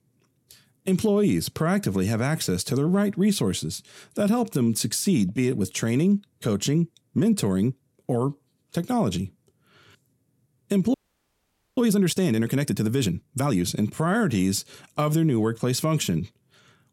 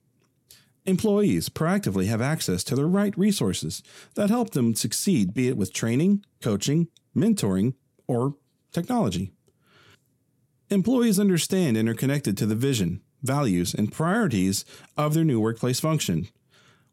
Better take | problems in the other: second | audio freezing; at 11 s for 1 s

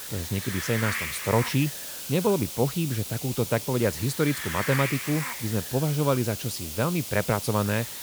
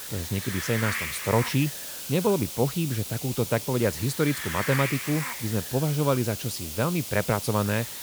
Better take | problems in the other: neither | hiss; loud; throughout; 5 dB below the speech; the same in both

